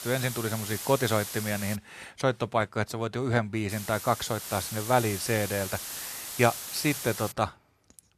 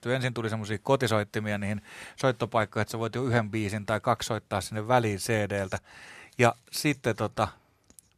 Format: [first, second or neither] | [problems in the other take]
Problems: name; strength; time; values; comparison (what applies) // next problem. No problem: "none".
second | hiss; loud; until 2 s and from 3.5 to 7.5 s; 7 dB below the speech